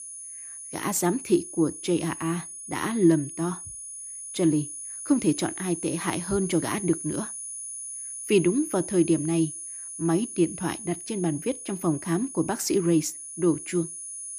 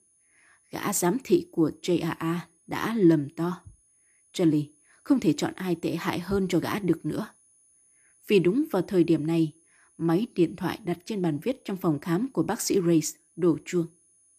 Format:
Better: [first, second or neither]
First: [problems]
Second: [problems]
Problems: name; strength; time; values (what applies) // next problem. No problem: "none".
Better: second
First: high-pitched whine; loud; throughout; 10 kHz, 9 dB below the speech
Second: high-pitched whine; faint; throughout; 10 kHz, 35 dB below the speech